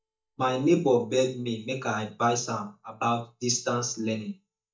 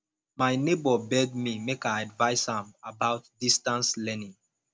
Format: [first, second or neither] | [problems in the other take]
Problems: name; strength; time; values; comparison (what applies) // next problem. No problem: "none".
second | noise reduction (neural mask model DeepFilterNet 3)